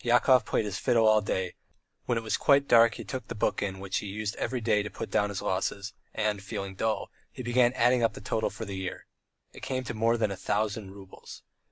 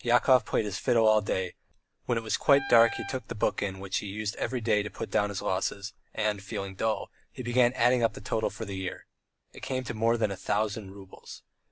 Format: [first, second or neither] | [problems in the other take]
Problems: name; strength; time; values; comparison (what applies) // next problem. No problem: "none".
first | background sound (Wind instrument, woodwind instrument); 11 dB below the speech